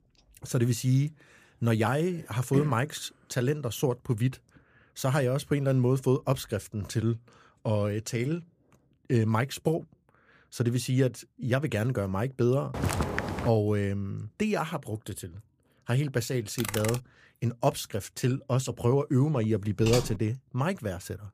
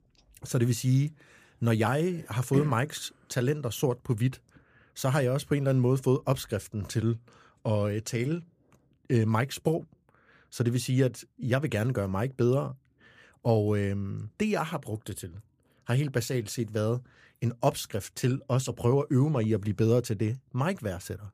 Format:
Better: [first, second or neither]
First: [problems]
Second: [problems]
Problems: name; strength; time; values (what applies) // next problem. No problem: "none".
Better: second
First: footsteps; noticeable; at 13 s; peak level with the speech // keyboard typing; noticeable; at 17 s and at 20 s; peak 4 dB below the speech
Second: none